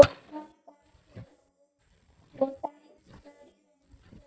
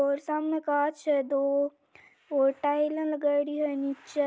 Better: second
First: noise reduction (neural mask model DeepFilterNet 3)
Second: none

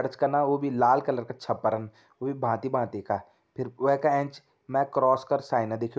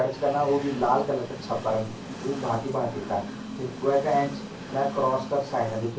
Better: first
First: none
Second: background sound (Train); 10 dB below the speech // room echo; dies away in 0.2 s

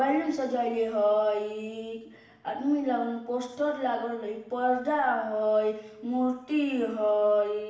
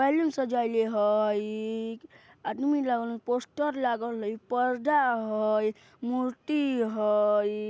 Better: second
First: room echo; dies away in 0.8 s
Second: none

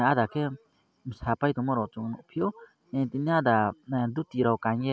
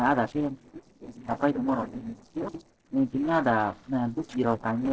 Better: first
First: none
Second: noise reduction (neural separator model SepFormer DNS4)

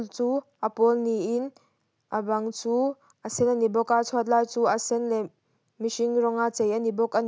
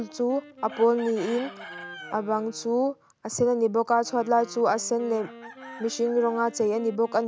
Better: first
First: none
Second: background sound (Wind instrument, woodwind instrument + Chicken, rooster); 18 dB below the speech

